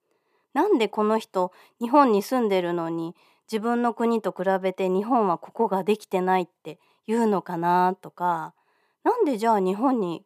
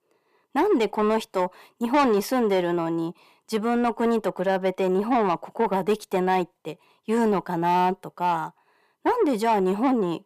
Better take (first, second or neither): first